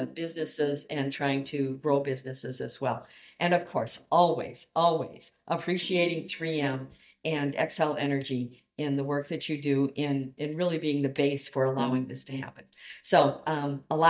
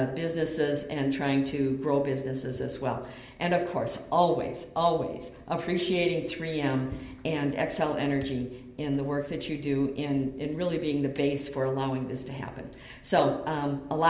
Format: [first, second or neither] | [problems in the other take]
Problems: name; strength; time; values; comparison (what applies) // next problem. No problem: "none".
second | noise reduction (neural mask model DeepFilterNet 3)